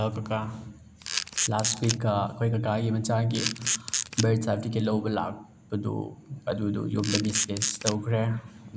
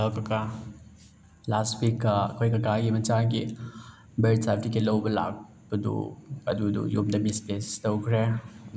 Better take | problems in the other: second | background sound (Camera); 2 dB below the speech

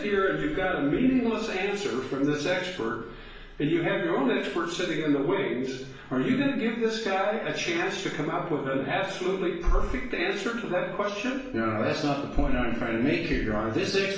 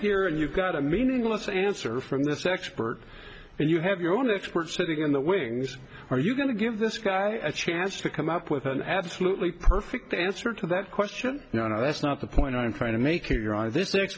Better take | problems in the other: second | room echo; dies away in 0.7 s

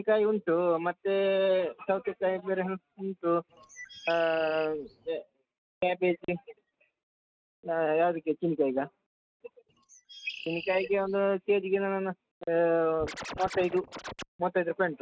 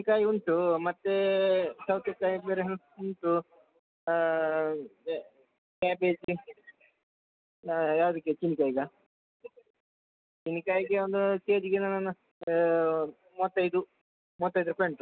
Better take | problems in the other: second | noise reduction (neural mask model RNNoise)

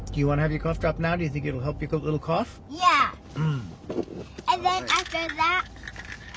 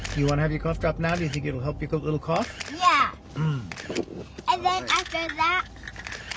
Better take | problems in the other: first | background sound (Camera); 17 dB below the speech

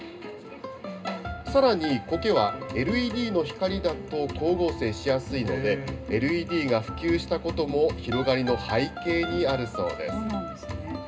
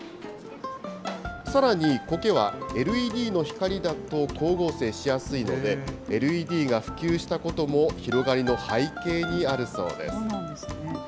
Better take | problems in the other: second | room echo; dies away in 0.2 s

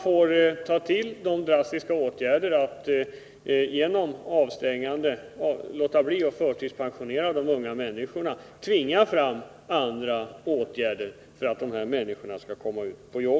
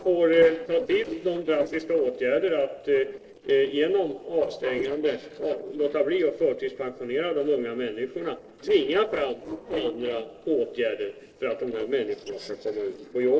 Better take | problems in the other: first | noise reduction (neural separator model SepFormer DNS4)

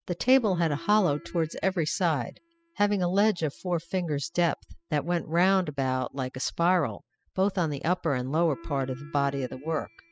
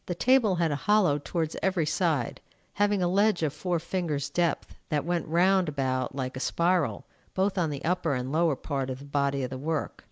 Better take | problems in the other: second | noise reduction (classical method spectral subtraction)

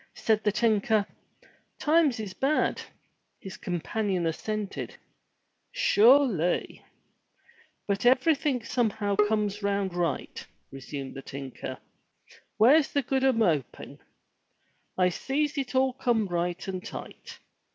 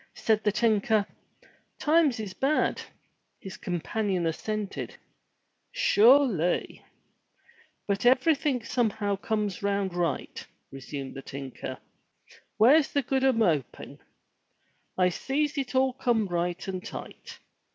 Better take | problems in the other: second | background sound (Bowed string instrument); 6 dB below the speech

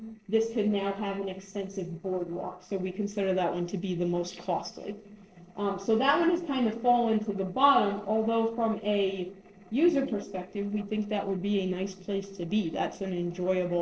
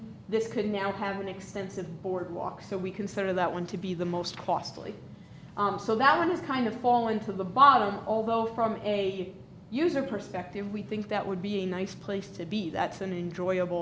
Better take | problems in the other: second | noise reduction (neural separator model SepFormer DNS4)

